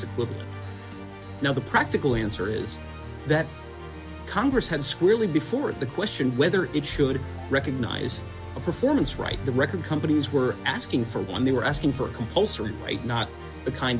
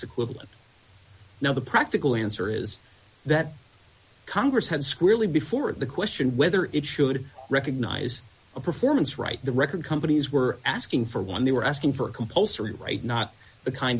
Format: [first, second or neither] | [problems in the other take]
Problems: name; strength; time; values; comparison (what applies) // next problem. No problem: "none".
second | background sound (Musical instrument); 11 dB below the speech